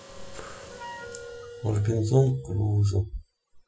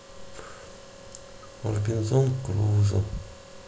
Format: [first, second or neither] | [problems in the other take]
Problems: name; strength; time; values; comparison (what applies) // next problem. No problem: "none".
second | noise reduction (classical method Wiener filter)